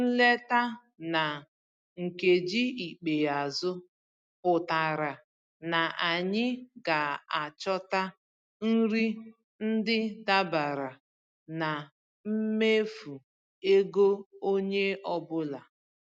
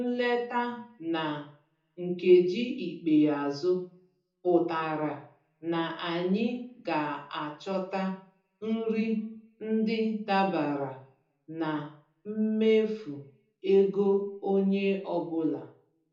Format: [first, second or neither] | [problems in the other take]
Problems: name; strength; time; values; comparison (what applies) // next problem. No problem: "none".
first | room echo; dies away in 0.8 s